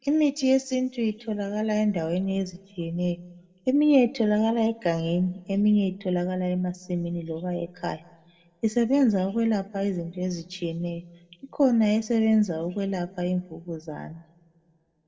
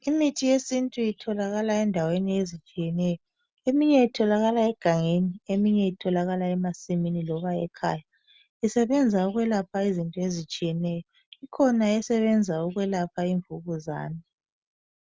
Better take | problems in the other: second | room echo; dies away in 0.9 s

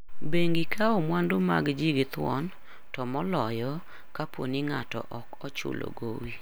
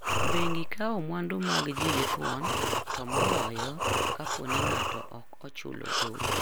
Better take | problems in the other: first | background sound (Breathing); 2 dB above the speech

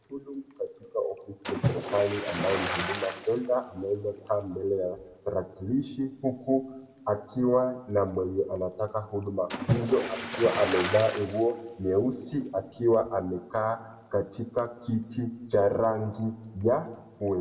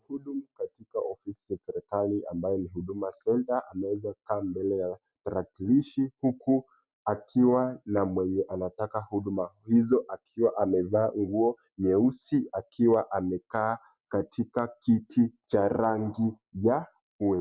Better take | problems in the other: second | background sound (Splash, splatter); 9 dB below the speech // room echo; dies away in 0.9 s

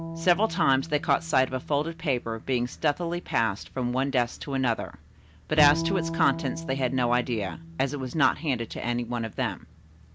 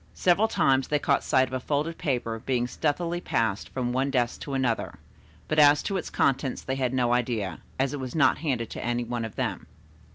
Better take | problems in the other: second | background sound (Bowed string instrument); 11 dB below the speech

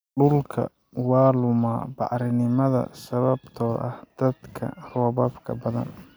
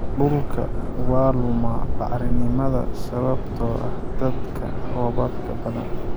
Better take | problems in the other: first | background sound (Subway, metro, underground); 4 dB above the speech

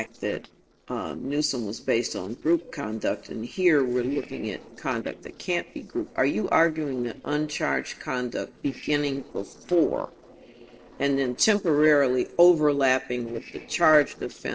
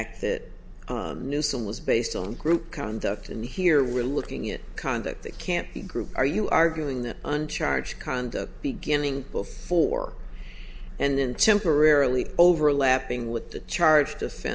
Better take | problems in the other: second | noise reduction (neural separator model SepFormer DNS4)

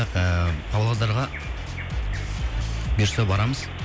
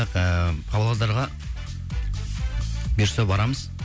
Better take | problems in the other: second | background sound (Bird vocalization, bird call, bird song); 15 dB below the speech

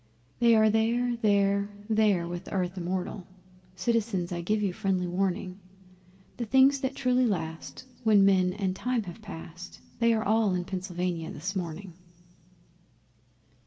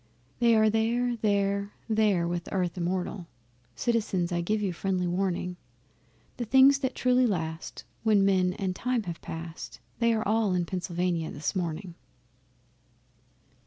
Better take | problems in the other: second | room echo; dies away in 2.7 s

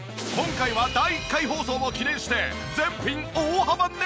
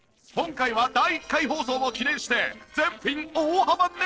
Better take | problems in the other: first | noise reduction (neural separator model SepFormer DNS4)

